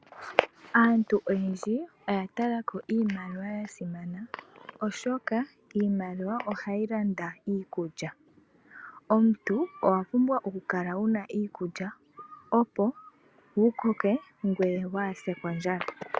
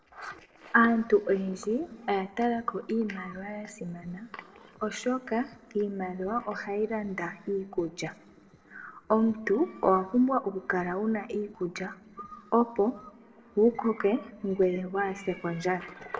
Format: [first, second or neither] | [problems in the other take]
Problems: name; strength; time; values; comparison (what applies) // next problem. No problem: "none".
first | noise reduction (neural separator model SepFormer DNS4)